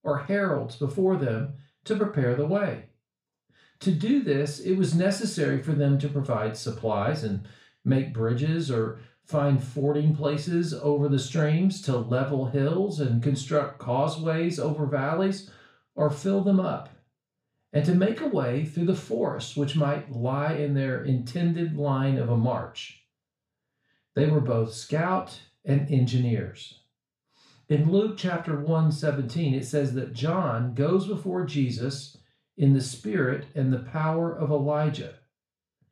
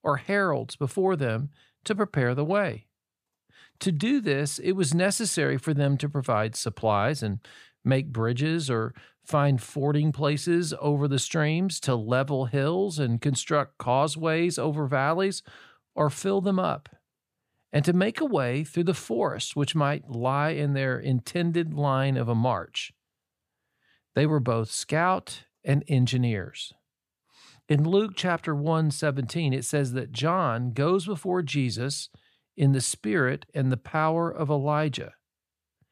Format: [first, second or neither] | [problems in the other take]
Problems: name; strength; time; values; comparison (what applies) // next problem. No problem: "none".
second | room echo; slight; dies away in 0.3 s // off-mic speech; far